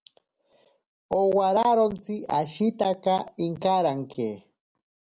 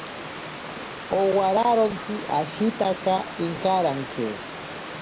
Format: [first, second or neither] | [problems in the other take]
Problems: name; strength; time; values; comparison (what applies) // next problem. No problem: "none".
first | background sound (Stream / Liquid); 10 dB below the speech